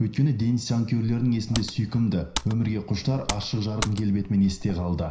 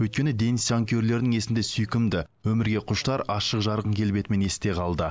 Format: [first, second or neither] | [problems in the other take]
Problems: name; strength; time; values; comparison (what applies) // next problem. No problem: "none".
second | background sound (Computer keyboard); 12 dB below the speech // room echo; dies away in 0.5 s